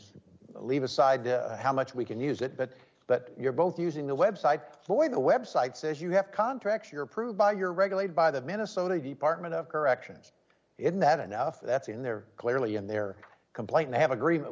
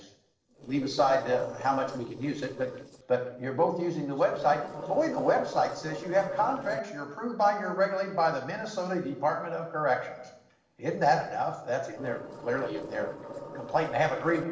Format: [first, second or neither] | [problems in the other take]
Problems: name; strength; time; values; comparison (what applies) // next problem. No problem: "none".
first | noise reduction (neural separator model SepFormer DNS4)